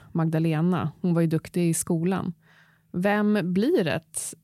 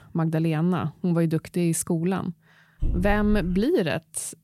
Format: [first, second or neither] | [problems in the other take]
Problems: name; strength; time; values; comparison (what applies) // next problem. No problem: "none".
first | dog barking; noticeable; at 3 s; peak 6 dB below the speech